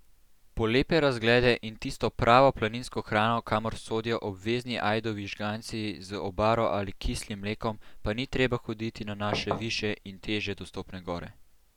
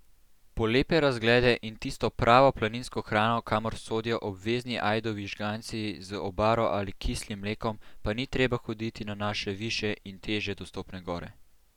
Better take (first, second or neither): second